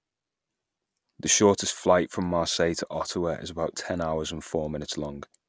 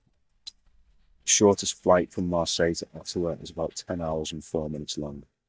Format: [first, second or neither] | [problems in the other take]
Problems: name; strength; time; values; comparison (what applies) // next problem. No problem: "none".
first | noise reduction (neural mask model DeepFilterNet 3)